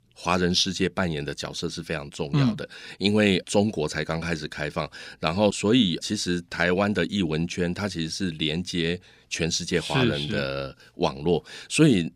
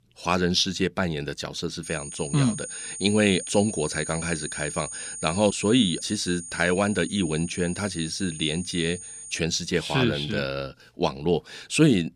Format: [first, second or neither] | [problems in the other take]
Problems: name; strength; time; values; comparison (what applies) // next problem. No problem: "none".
first | high-pitched whine; loud; from 2 to 9.5 s; 9 kHz, 9 dB below the speech